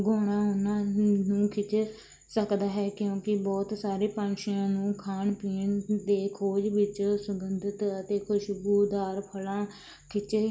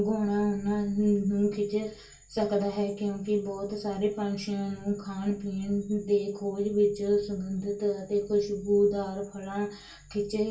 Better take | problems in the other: first | room echo; dies away in 0.2 s

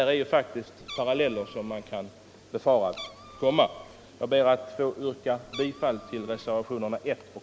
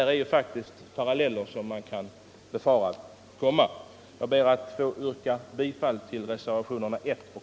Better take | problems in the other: second | background sound (Meow); 18 dB below the speech

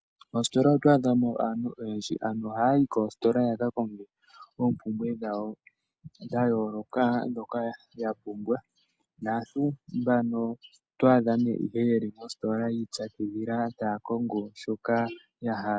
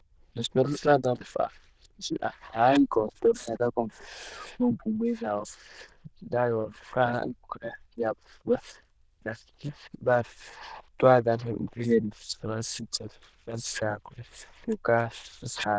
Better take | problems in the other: first | noise reduction (neural diffusion model UNIVERSE++)

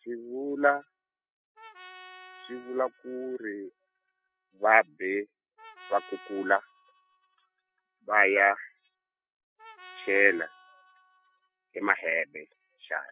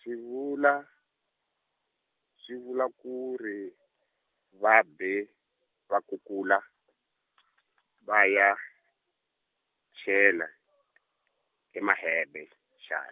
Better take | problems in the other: second | noise reduction (classical method spectral subtraction)

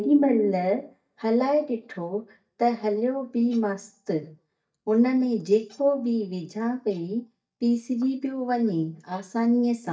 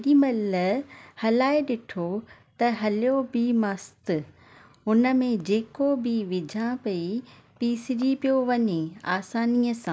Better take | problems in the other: second | noise reduction (neural mask model DeepFilterNet 3)

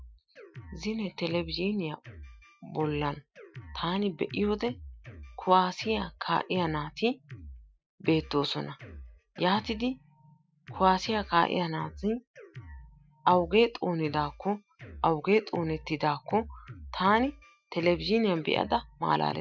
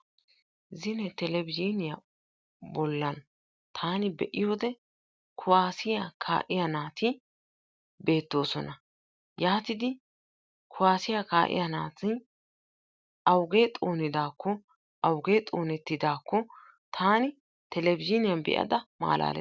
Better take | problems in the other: second | noise reduction (classical method Wiener filter)

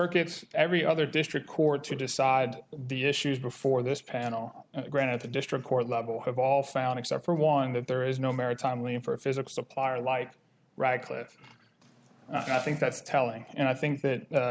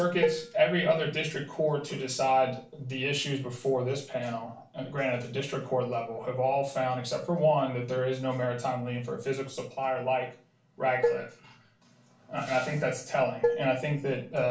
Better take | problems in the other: first | background sound (Dishes, pots, and pans); 2 dB below the speech // room echo; dies away in 0.3 s

